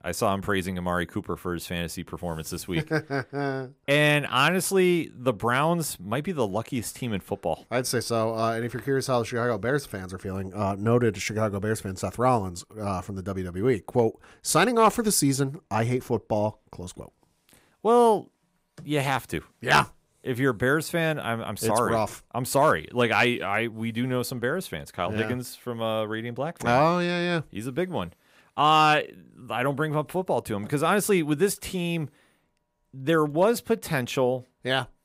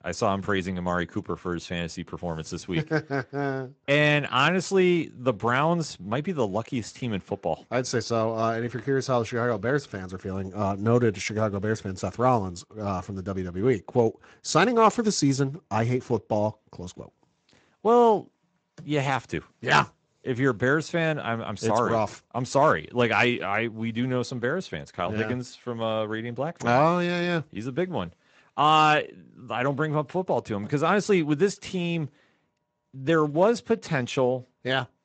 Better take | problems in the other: first | garbled, watery; slightly; nothing above 8 kHz

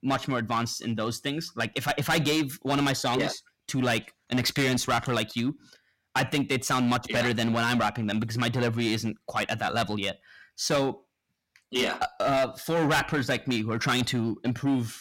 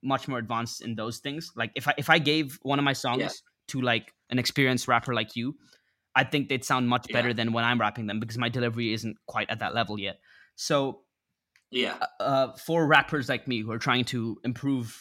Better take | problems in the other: second | distortion; heavy; 10% of the sound clipped

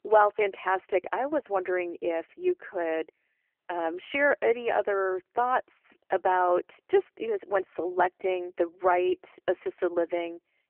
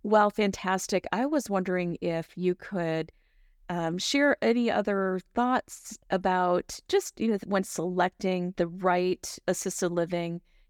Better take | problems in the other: second | phone-call audio; nothing above 3 kHz

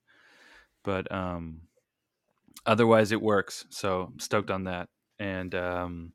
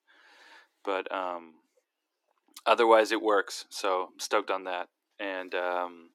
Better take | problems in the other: first | thin; very; fading below 300 Hz

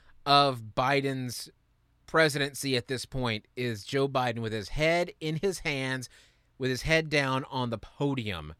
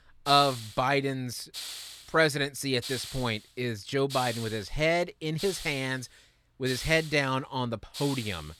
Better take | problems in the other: first | hiss; noticeable; throughout; 10 dB below the speech

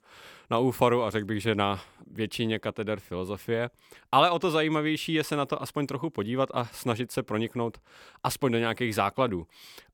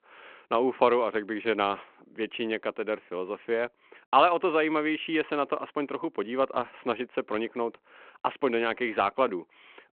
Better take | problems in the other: first | phone-call audio

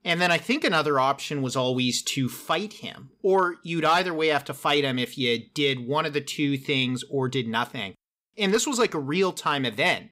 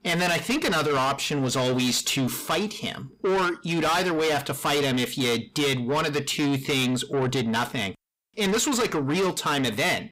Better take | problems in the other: first | distortion; heavy; 6 dB below the speech

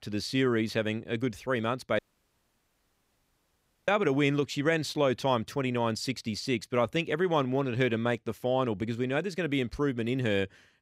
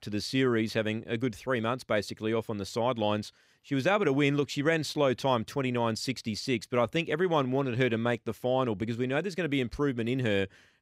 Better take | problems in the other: second | audio cutting out; at 2 s for 2 s

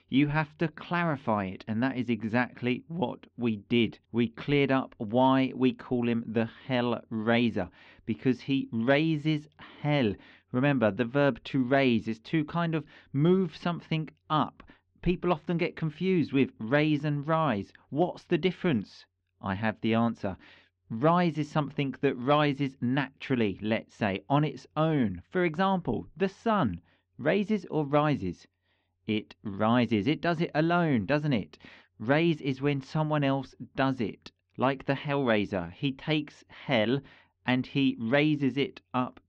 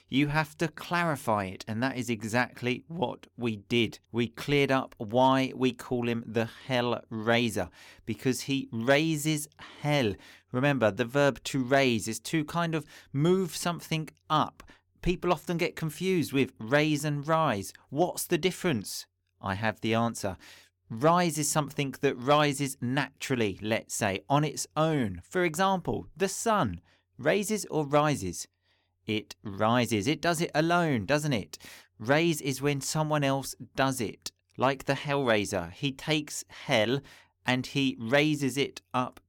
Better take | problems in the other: second | muffled; slightly; fading above 3.5 kHz

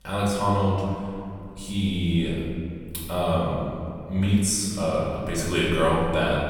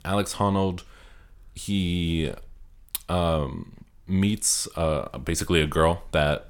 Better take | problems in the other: second | off-mic speech; far // room echo; noticeable; dies away in 2.2 s

